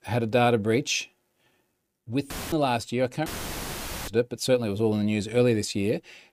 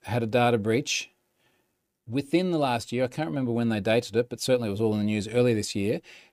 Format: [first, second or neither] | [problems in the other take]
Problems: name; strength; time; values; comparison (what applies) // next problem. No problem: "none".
second | audio cutting out; filled with static; at 2.5 s and at 3.5 s for 1 s